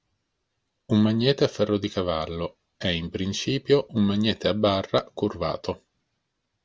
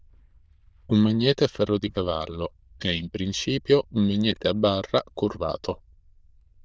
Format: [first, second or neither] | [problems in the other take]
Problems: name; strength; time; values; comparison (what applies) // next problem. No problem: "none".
first | noise reduction (neural diffusion model UNIVERSE++)